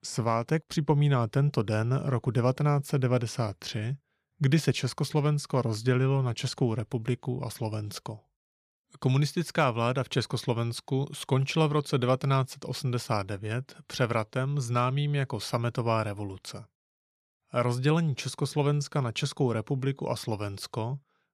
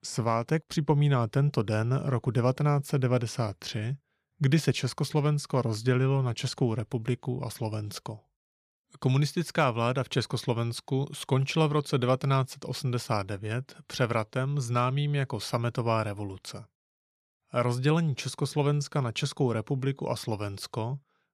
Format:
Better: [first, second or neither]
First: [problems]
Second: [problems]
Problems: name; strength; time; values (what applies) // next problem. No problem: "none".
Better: neither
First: none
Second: none